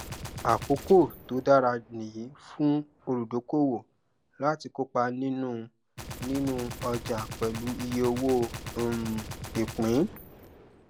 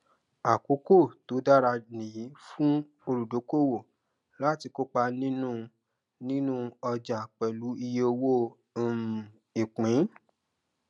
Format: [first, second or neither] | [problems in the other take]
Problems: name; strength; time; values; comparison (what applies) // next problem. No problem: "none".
second | background sound (Gunshot, gunfire); 13 dB below the speech